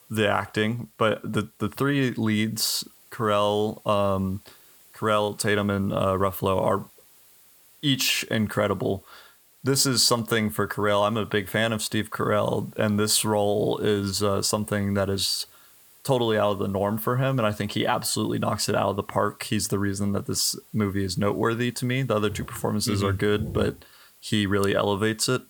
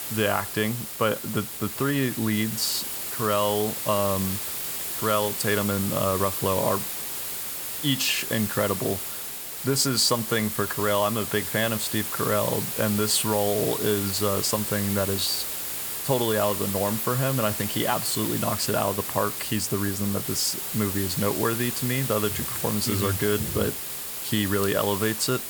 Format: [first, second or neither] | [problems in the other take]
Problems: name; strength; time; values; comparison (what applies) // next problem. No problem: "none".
first | hiss; loud; throughout; 3 dB below the speech; faint in the first